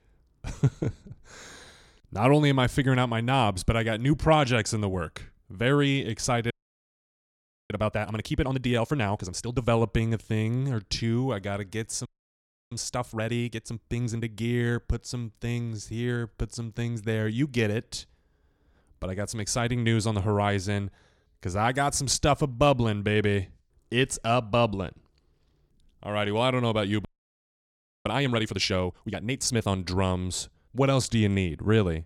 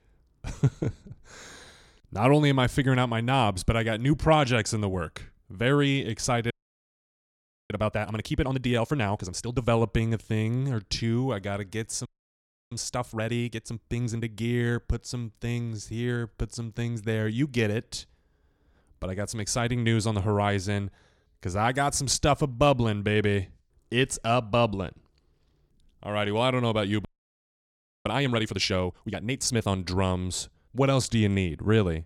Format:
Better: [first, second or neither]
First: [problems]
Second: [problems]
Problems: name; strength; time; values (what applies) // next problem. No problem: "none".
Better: neither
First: audio freezing; at 6.5 s for 1 s, at 12 s for 0.5 s and at 27 s for 1 s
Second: audio freezing; at 6.5 s for 1 s, at 12 s for 0.5 s and at 27 s for 1 s